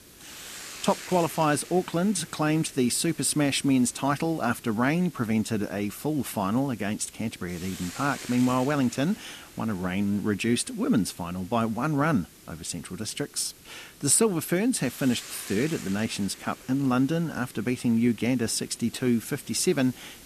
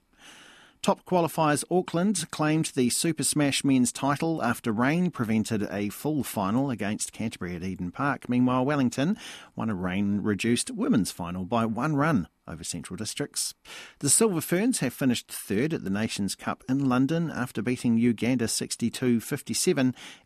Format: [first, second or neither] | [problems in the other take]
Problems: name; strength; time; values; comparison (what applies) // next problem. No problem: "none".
second | hiss; noticeable; throughout; 15 dB below the speech